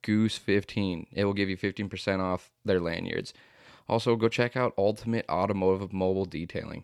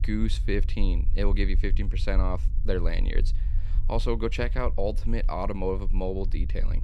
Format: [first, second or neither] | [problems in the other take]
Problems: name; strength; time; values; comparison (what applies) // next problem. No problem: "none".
first | low rumble; noticeable; throughout; 20 dB below the speech